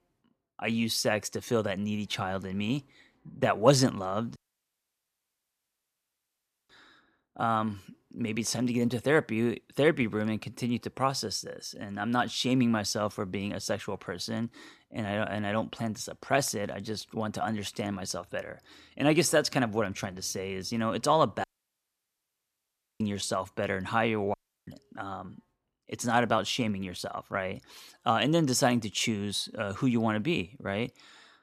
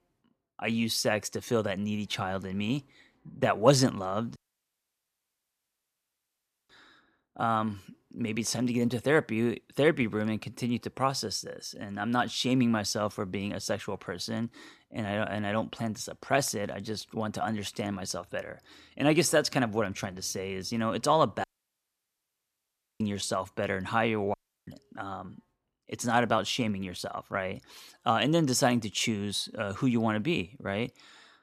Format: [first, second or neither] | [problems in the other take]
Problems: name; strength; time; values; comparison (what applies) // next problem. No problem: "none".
neither | audio cutting out; at 4.5 s for 2.5 s, at 21 s for 1.5 s and at 24 s; the same in both